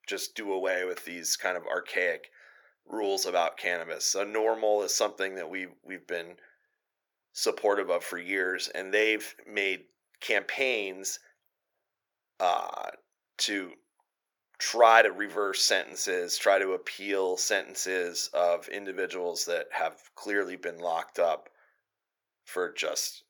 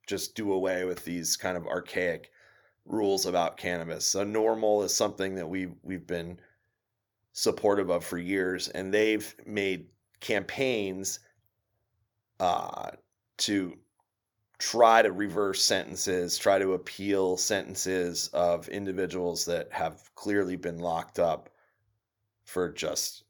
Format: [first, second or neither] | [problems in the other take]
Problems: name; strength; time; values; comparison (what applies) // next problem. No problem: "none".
second | thin; somewhat; fading below 500 Hz